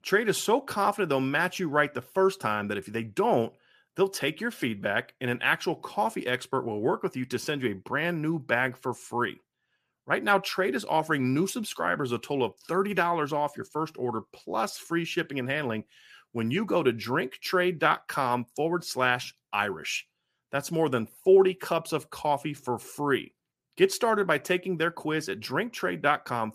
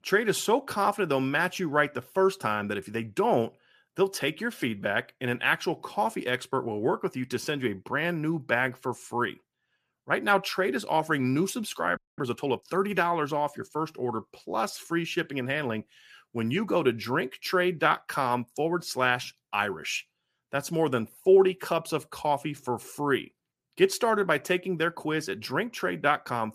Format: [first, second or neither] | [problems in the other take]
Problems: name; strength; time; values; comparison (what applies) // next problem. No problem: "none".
first | audio freezing; at 12 s